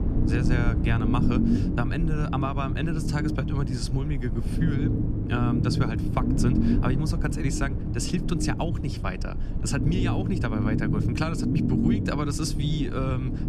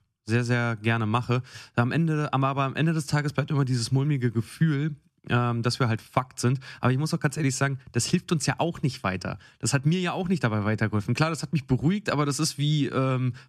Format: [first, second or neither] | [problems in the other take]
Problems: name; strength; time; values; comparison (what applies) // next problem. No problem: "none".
second | low rumble; loud; throughout; 2 dB below the speech